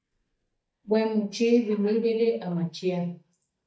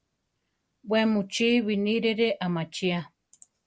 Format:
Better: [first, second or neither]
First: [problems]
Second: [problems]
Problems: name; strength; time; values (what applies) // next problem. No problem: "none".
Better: second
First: noise reduction (neural mask model DeepFilterNet 3)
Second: none